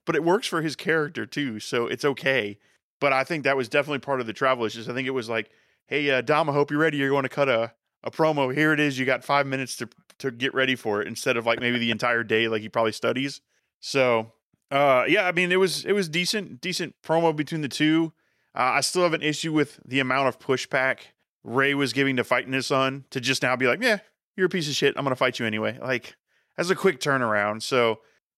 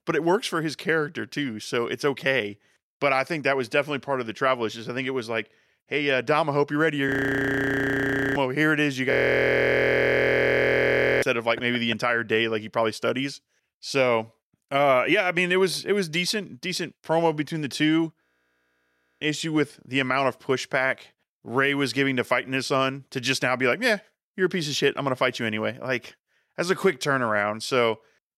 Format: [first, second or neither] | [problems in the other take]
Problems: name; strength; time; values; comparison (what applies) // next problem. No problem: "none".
first | audio freezing; at 7 s for 1.5 s, at 9 s for 2 s and at 18 s for 1 s